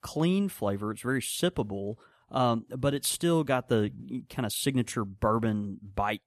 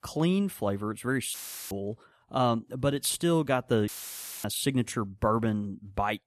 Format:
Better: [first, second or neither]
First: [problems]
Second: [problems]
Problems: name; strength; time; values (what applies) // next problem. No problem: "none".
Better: first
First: none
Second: audio cutting out; filled with static; at 1.5 s and at 4 s for 0.5 s